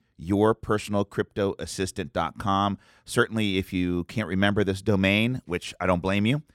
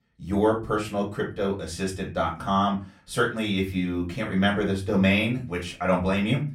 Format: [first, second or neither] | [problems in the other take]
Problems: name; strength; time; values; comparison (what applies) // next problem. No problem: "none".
first | off-mic speech; far // room echo; very slight; dies away in 0.3 s